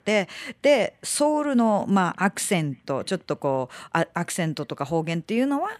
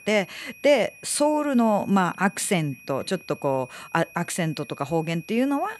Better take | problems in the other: first | high-pitched whine; faint; throughout; 2.5 kHz, 20 dB below the speech

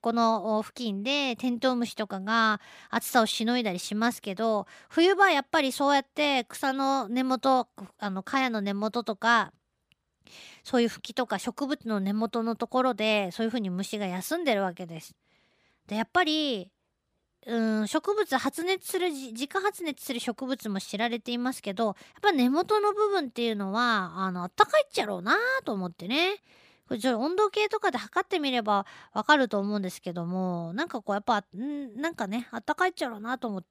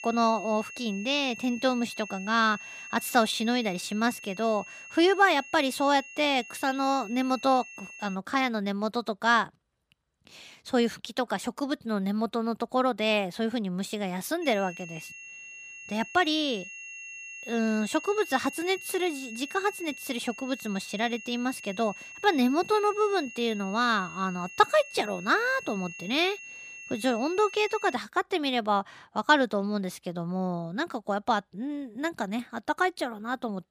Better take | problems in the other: first | high-pitched whine; noticeable; until 8 s and from 14 to 28 s; 2.5 kHz, 15 dB below the speech

